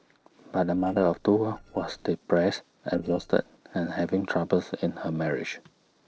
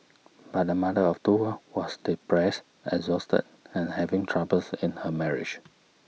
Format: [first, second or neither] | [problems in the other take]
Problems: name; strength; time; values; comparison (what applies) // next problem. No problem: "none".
second | noise reduction (neural separator model SepFormer DNS4)